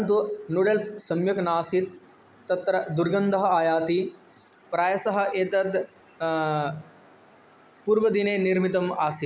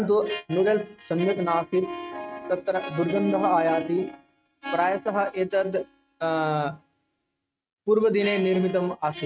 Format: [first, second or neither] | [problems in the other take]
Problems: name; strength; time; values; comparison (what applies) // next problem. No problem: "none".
first | noise reduction (neural mask model RNNoise)